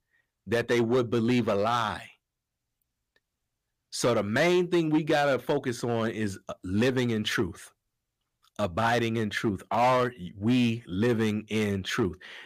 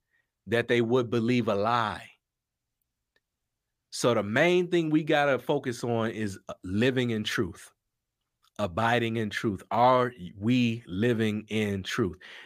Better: second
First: distortion; slight; 5% of the sound clipped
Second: none

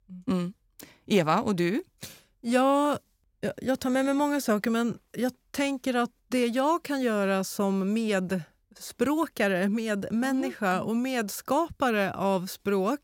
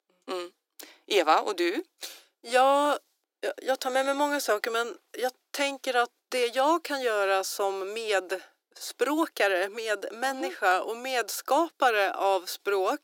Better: first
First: none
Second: thin; very; fading below 300 Hz

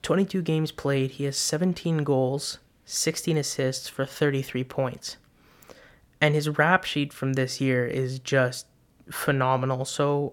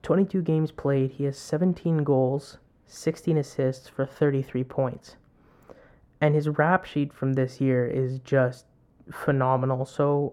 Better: first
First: none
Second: muffled; very; fading above 2 kHz

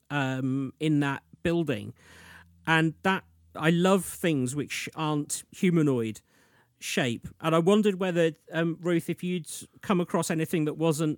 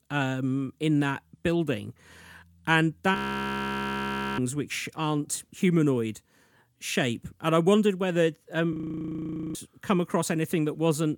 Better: first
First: none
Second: audio freezing; at 3 s for 1 s and at 8.5 s for 1 s

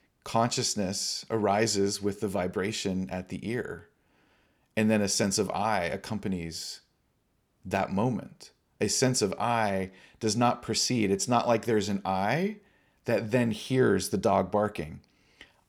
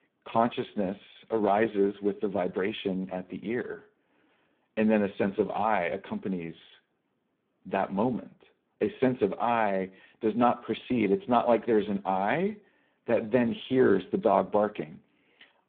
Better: first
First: none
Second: phone-call audio; poor line

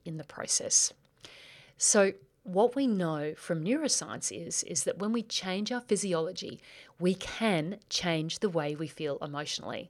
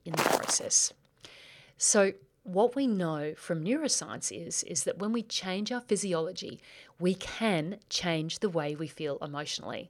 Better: first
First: none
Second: footsteps; loud; at the start; peak 2 dB above the speech

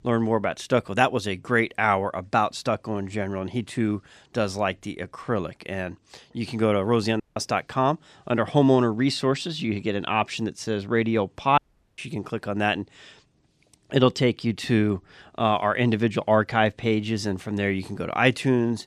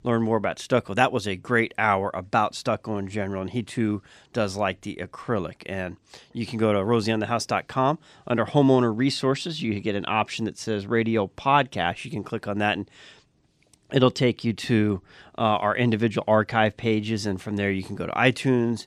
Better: second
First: audio cutting out; at 7 s and at 12 s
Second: none

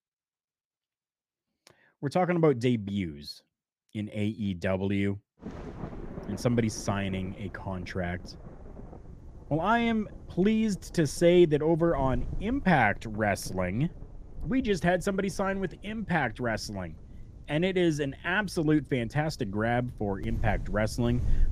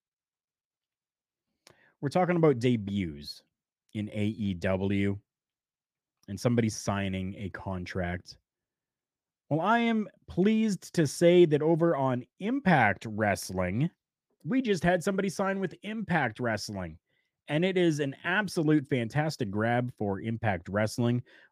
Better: second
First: wind noise on the microphone; occasional gusts; from 5.5 s on; 20 dB below the speech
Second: none

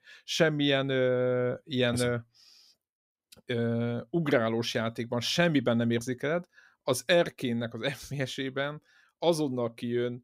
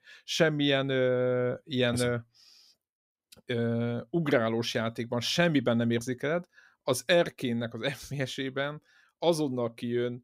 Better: neither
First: none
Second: none

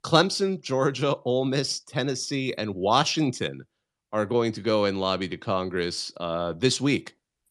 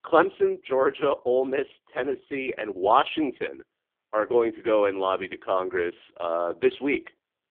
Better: first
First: none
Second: phone-call audio; poor line; nothing above 3.5 kHz

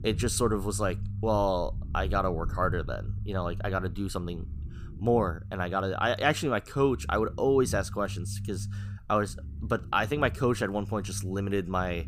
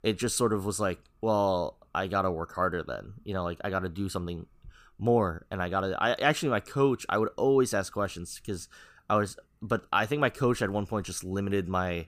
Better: second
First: low rumble; faint; throughout; 20 dB below the speech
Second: none

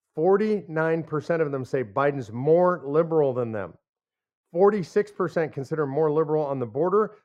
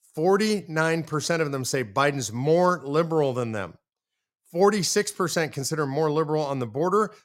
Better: second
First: muffled; very; fading above 3.5 kHz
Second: none

